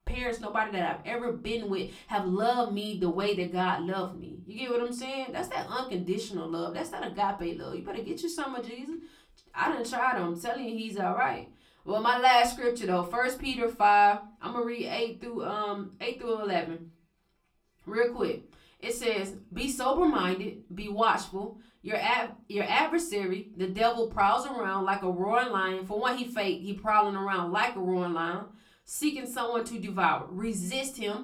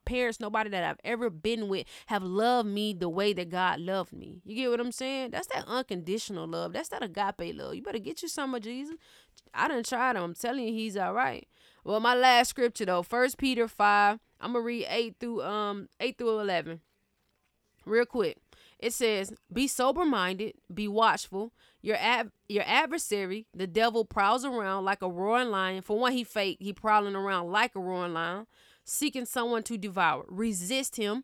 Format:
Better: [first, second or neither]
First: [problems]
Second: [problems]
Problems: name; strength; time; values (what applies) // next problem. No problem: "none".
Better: second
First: off-mic speech; far // room echo; very slight; dies away in 0.3 s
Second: none